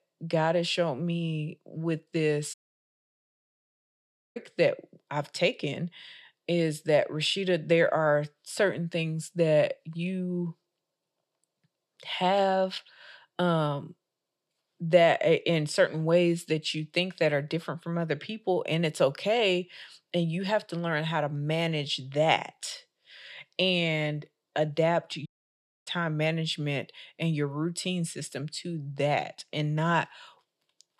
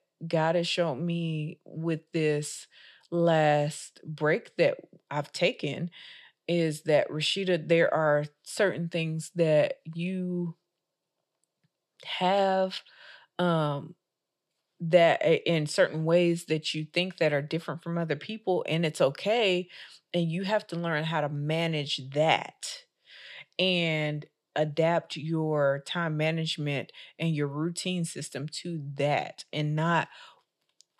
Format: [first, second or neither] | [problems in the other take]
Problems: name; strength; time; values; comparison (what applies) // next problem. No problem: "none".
second | audio cutting out; at 2.5 s for 2 s and at 25 s for 0.5 s